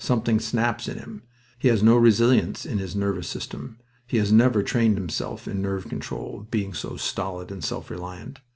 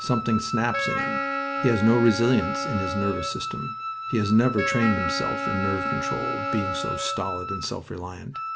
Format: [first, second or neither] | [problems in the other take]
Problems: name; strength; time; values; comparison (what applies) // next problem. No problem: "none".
first | background sound (Wind instrument, woodwind instrument + Wind instrument, woodwind instrument); 3 dB below the speech